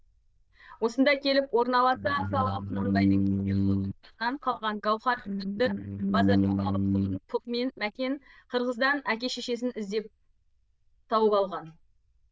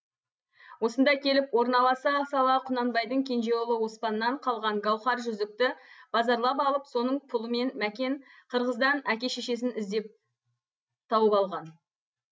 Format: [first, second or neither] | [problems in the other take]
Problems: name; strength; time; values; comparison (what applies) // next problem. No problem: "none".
second | noise reduction (neural diffusion model UNIVERSE++)